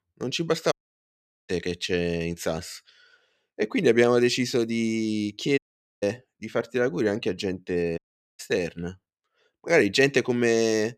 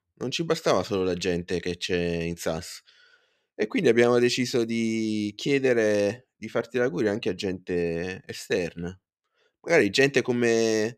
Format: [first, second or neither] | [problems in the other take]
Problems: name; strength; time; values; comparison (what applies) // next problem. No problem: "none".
second | audio cutting out; at 0.5 s for 1 s, at 5.5 s and at 8 s